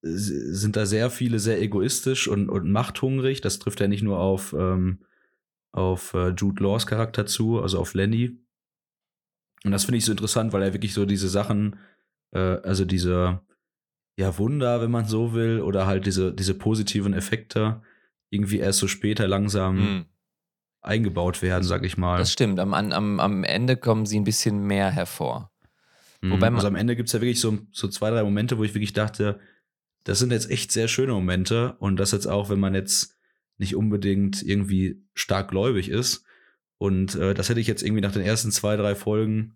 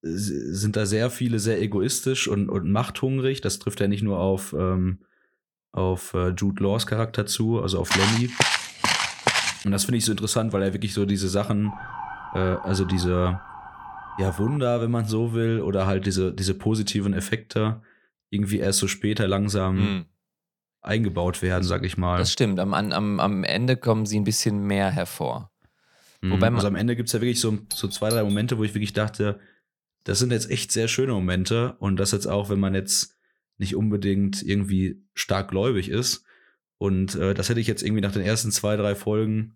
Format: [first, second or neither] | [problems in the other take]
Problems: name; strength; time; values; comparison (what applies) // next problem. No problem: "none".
first | footsteps; loud; from 8 to 9.5 s; peak 3 dB above the speech // siren; faint; from 12 to 15 s; peak 10 dB below the speech // doorbell; noticeable; at 28 s; peak 8 dB below the speech